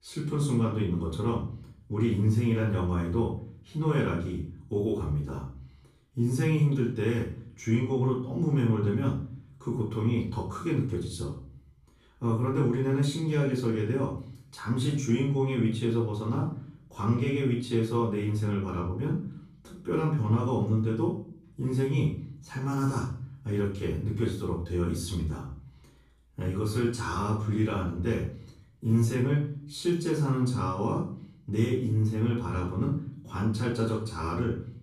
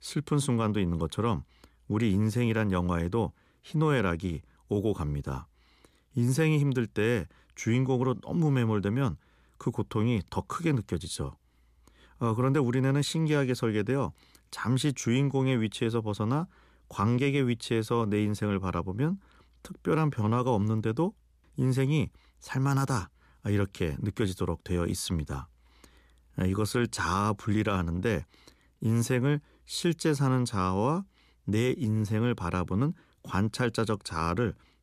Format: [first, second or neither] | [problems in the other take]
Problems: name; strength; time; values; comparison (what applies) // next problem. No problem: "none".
second | off-mic speech; far // room echo; noticeable; dies away in 0.5 s